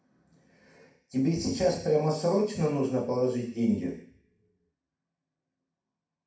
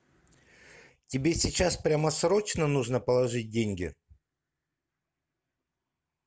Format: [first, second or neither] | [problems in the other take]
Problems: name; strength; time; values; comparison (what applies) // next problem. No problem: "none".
second | room echo; dies away in 0.6 s